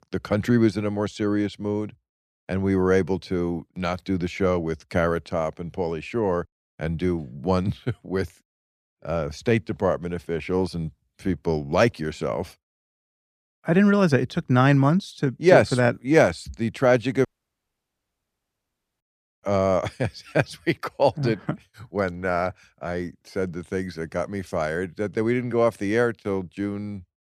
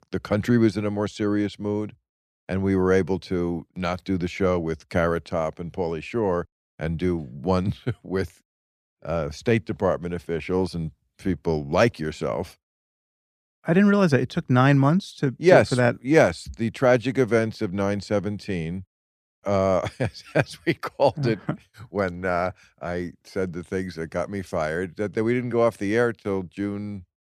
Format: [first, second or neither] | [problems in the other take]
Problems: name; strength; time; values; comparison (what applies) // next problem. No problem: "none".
second | audio cutting out; at 17 s for 2 s